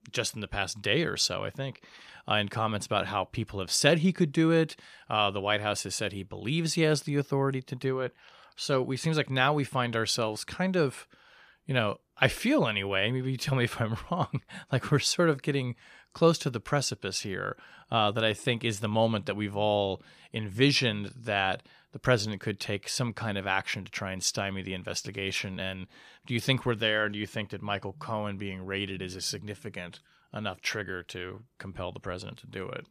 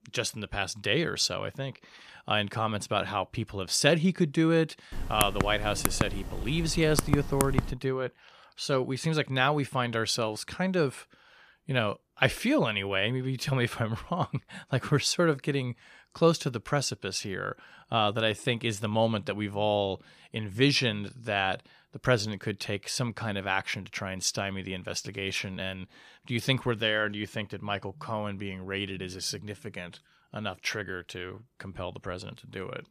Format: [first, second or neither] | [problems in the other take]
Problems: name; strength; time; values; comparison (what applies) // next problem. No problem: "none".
first | keyboard typing; noticeable; from 5 to 7.5 s; peak level with the speech